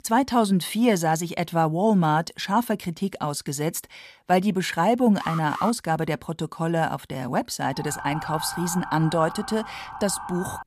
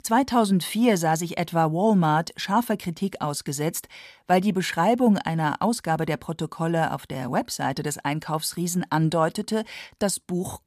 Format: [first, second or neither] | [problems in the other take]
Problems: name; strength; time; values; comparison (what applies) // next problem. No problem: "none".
second | alarm; noticeable; at 5 s; peak 8 dB below the speech // siren; noticeable; from 7.5 s on; peak 9 dB below the speech